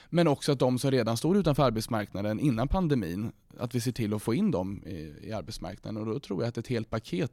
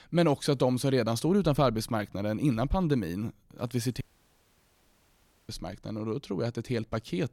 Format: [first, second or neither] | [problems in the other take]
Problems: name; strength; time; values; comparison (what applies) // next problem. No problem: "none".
first | audio cutting out; at 4 s for 1.5 s